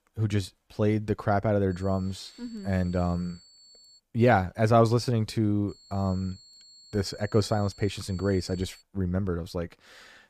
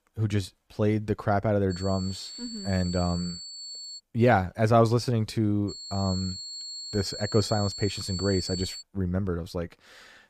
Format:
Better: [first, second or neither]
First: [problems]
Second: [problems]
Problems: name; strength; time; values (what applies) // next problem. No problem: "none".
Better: first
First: high-pitched whine; faint; from 1.5 to 4 s and from 5.5 to 9 s; 4.5 kHz, 25 dB below the speech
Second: high-pitched whine; loud; from 1.5 to 4 s and from 5.5 to 9 s; 4.5 kHz, 9 dB below the speech